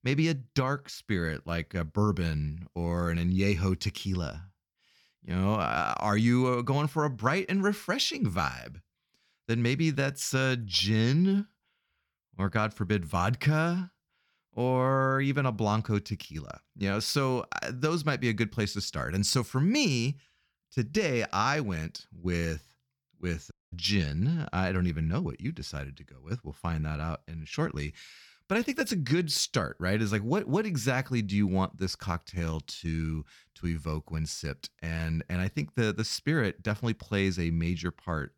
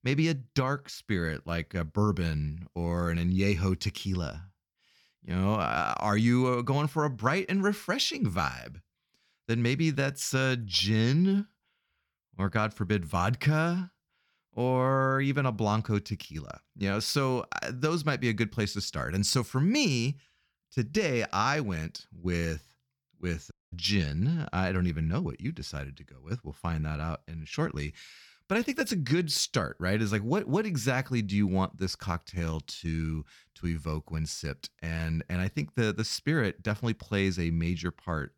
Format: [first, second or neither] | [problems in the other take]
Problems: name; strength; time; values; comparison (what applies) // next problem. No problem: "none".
neither | none